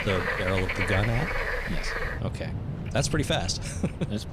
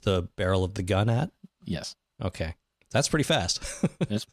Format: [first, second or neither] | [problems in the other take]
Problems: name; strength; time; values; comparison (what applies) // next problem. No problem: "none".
second | animal sounds; loud; throughout; 1 dB below the speech